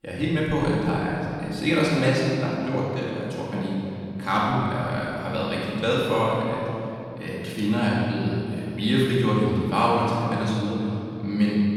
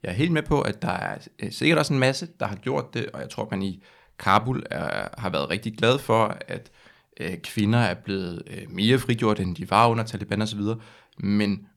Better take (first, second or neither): second